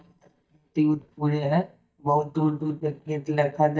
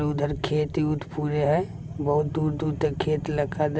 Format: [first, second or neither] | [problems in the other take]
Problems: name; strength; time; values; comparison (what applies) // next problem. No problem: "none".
second | noise reduction (neural mask model DeepFilterNet 3)